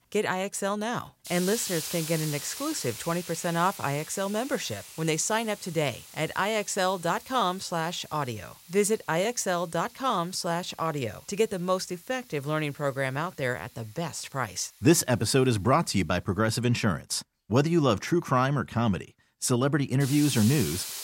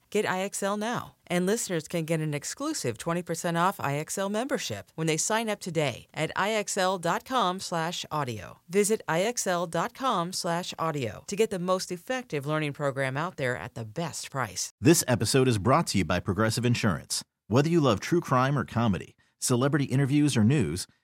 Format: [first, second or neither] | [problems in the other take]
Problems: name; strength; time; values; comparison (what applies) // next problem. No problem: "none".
second | hiss; noticeable; throughout; 10 dB below the speech